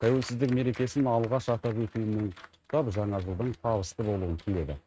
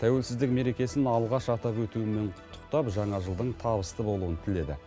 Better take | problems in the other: second | noise reduction (neural mask model RNNoise)

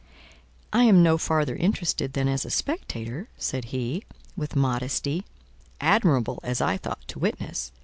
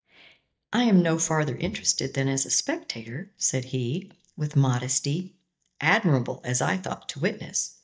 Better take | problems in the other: first | noise reduction (neural mask model DeepFilterNet 3)

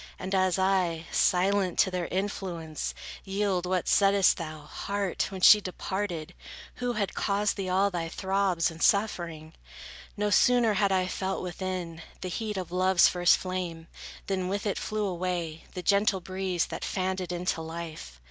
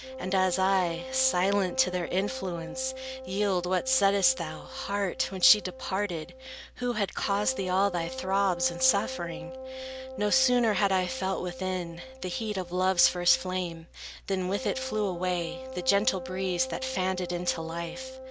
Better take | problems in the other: first | background sound (Wind instrument, woodwind instrument); 11 dB below the speech

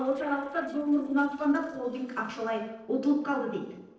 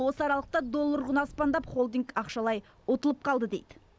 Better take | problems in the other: second | noise reduction (neural separator model SepFormer DNS4)

